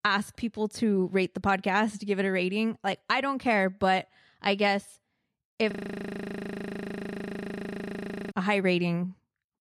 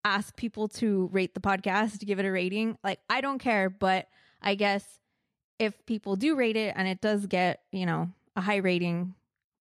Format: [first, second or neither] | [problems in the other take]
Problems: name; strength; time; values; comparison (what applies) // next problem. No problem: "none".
second | audio freezing; at 5.5 s for 2.5 s